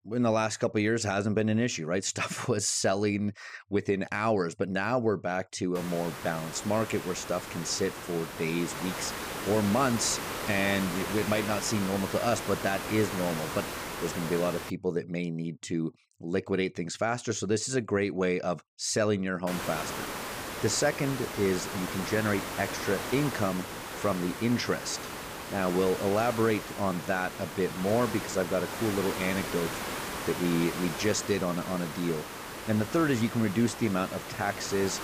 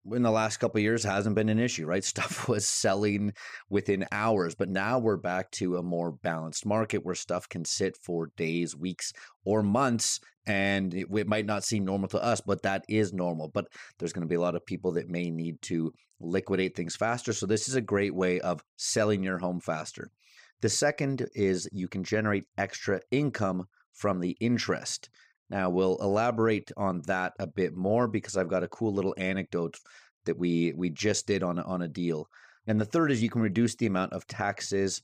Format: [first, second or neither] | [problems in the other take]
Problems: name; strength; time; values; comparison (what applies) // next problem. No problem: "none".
second | hiss; loud; from 6 to 15 s and from 19 s on; 6 dB below the speech